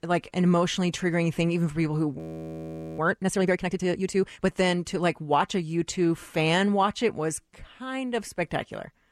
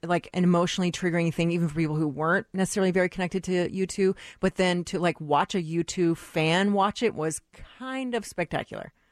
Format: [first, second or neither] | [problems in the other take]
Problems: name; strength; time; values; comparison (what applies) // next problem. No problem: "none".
second | audio freezing; at 2 s for 1 s